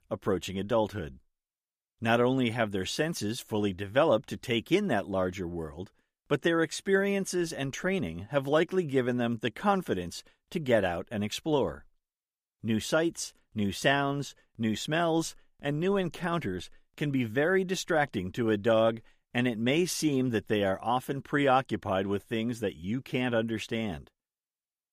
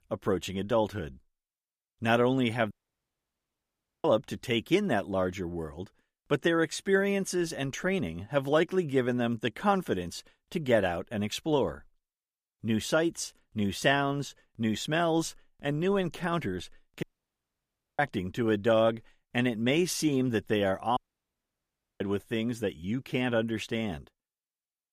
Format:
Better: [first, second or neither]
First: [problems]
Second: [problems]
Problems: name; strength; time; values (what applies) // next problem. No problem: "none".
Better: first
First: none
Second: audio cutting out; at 2.5 s for 1.5 s, at 17 s for 1 s and at 21 s for 1 s